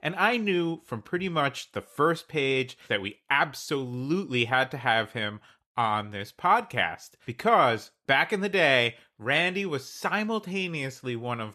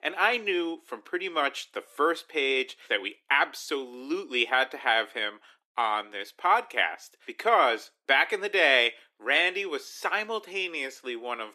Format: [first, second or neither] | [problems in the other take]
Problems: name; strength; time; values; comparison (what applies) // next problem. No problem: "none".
first | thin; somewhat; fading below 300 Hz